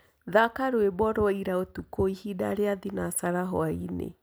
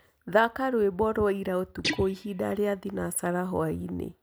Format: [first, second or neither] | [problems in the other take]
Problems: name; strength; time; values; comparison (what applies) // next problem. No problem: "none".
first | background sound (Guitar); 9 dB below the speech